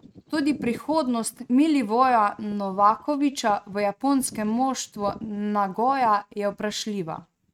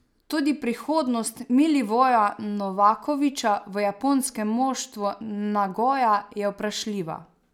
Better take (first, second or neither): second